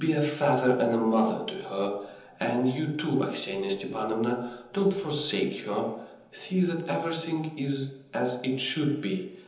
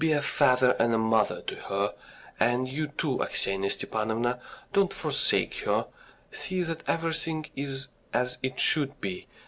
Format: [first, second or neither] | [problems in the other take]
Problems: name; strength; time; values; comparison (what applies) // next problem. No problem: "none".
second | room echo; dies away in 0.9 s